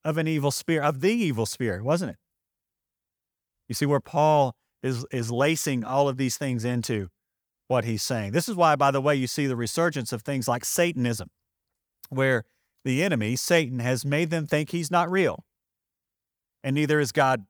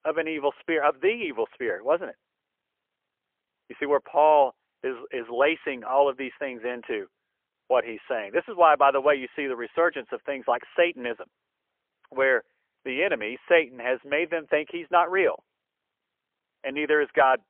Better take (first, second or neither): first